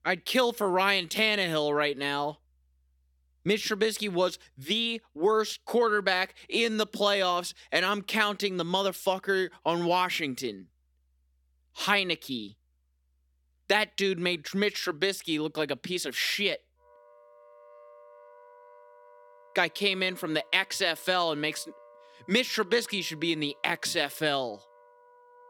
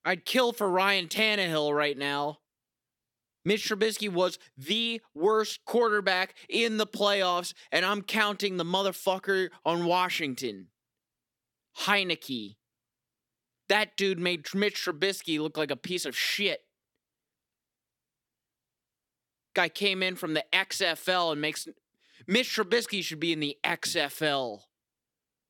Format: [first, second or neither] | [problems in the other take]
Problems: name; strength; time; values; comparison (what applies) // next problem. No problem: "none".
second | background music; faint; throughout; 30 dB below the speech